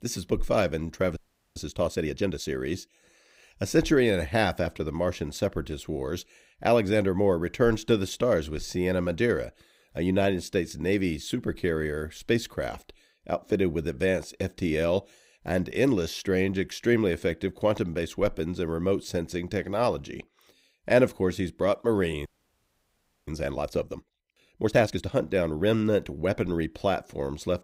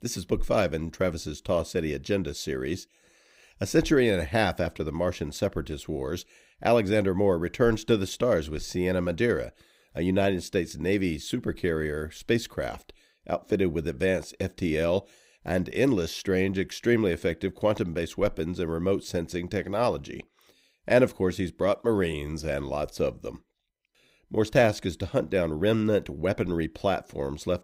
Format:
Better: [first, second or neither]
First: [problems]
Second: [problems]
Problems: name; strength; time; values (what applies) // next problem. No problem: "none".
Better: second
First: audio freezing; at 1 s and at 22 s for 1 s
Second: none